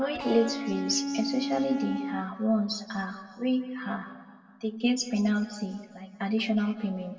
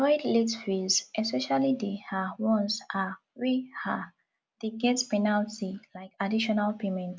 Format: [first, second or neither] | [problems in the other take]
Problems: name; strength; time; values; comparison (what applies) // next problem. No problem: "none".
second | background sound (Electric guitar); 3 dB below the speech // room echo; dies away in 1.5 s